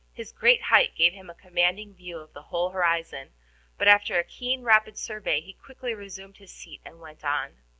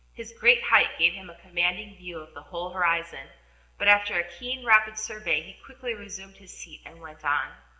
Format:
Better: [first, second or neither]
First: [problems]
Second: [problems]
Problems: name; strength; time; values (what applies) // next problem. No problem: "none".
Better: first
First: none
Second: room echo; dies away in 0.9 s